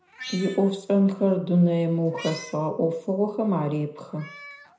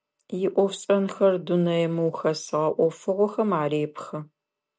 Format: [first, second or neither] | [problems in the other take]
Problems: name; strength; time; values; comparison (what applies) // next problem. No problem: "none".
second | background sound (Meow); 20 dB below the speech // room echo; dies away in 0.5 s